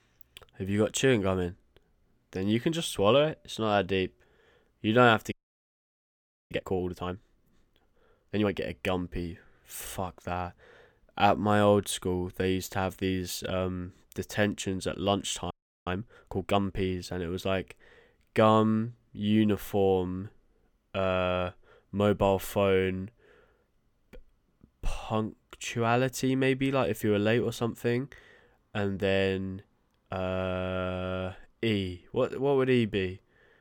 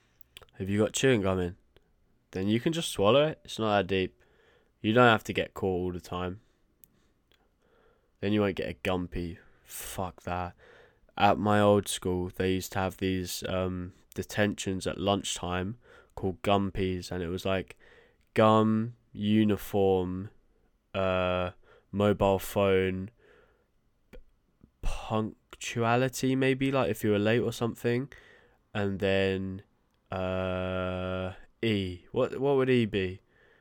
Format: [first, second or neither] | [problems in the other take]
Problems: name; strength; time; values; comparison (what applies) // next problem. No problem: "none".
second | audio freezing; at 5.5 s for 1 s and at 16 s